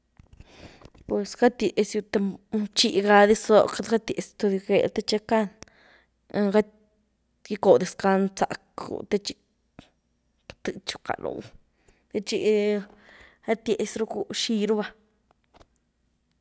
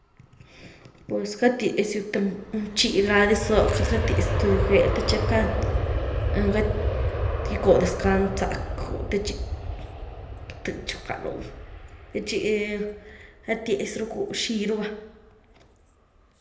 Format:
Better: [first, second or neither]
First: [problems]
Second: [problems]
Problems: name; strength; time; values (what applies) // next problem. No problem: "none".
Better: first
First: none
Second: background sound (Aircraft); 3 dB below the speech // room echo; dies away in 0.8 s